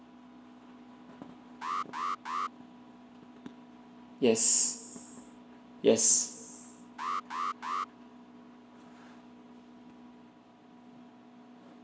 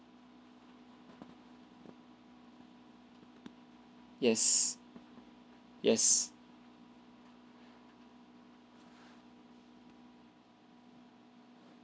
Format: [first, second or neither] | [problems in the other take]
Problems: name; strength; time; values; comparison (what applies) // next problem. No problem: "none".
second | background sound (Alarm); 2 dB below the speech // room echo; dies away in 1.8 s